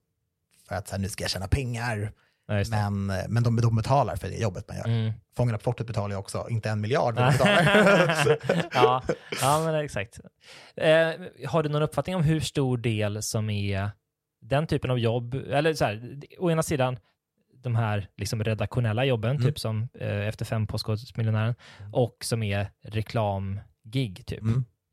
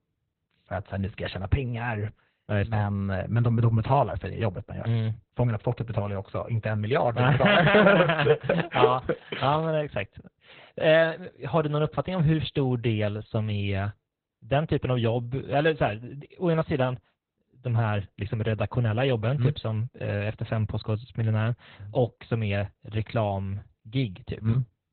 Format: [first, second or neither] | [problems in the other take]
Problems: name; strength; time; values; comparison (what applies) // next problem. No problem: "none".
first | garbled, watery; badly; nothing above 4 kHz